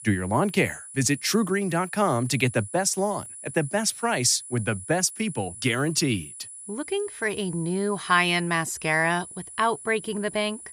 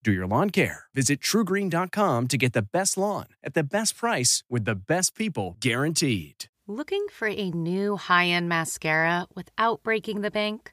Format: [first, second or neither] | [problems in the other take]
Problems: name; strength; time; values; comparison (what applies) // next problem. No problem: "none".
second | high-pitched whine; noticeable; throughout; 10 kHz, 15 dB below the speech